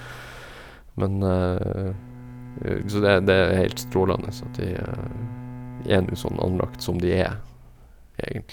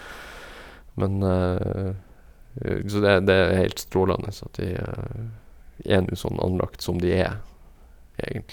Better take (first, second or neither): second